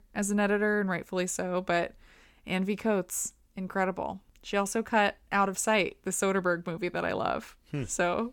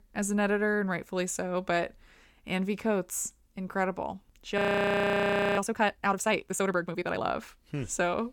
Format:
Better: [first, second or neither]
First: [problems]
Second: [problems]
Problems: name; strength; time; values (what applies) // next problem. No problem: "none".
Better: first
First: none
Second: audio freezing; at 4.5 s for 1 s